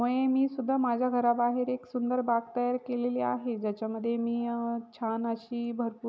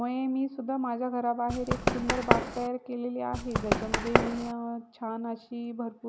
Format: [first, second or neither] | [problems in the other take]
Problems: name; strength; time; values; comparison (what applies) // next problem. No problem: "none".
first | background sound (Run); 4 dB above the speech